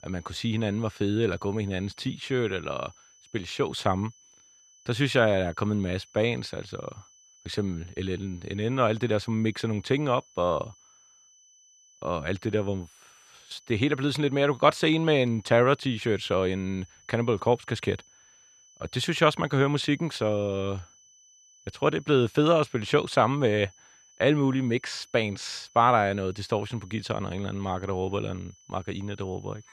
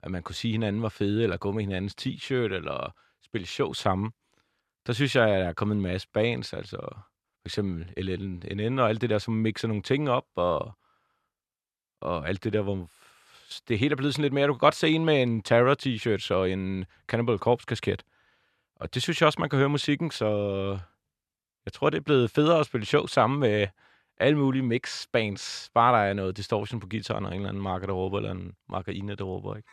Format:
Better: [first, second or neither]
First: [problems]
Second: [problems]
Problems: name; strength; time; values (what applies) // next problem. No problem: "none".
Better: second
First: high-pitched whine; faint; throughout; 6 kHz, 30 dB below the speech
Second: none